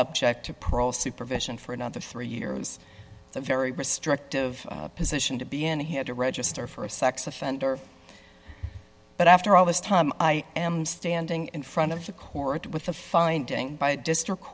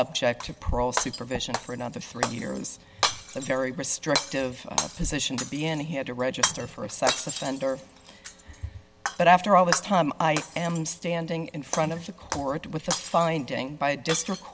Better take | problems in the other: first | background sound (Shatter); 8 dB below the speech

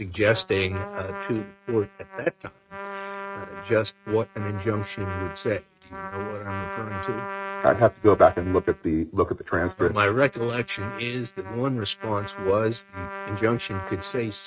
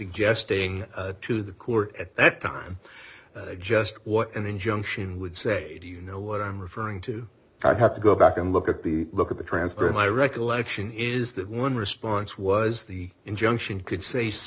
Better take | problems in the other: second | noise reduction (neural mask model RNNoise)

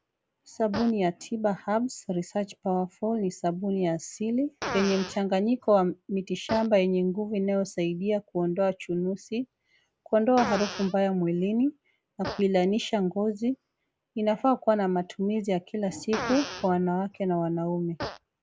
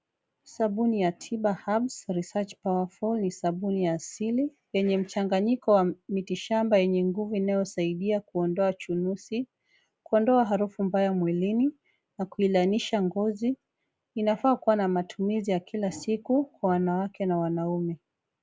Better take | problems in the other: second | background sound (Fart); 15 dB below the speech

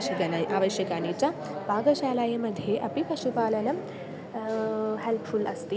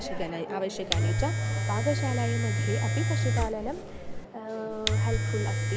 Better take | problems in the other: first | background sound (Domestic sounds, home sounds); 5 dB above the speech

